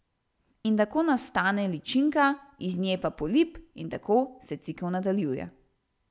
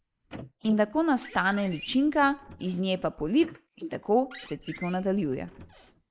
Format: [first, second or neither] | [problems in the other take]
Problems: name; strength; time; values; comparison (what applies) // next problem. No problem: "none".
first | noise reduction (neural mask model Resemble Enhance denoiser)